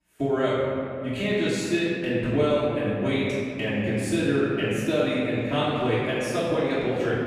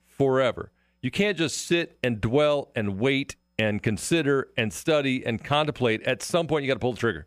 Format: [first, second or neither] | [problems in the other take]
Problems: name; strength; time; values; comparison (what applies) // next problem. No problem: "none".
second | off-mic speech; far // room echo; strong; dies away in 2.5 s